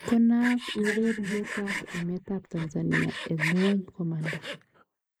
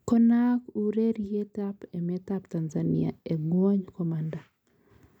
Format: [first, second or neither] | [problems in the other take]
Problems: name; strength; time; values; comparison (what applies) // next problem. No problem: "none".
second | noise reduction (neural mask model Resemble Enhance denoiser)